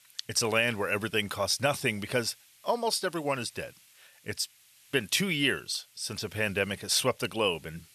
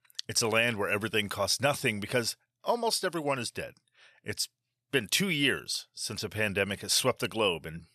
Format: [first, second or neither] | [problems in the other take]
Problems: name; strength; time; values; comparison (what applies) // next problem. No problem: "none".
second | hiss; faint; throughout; 25 dB below the speech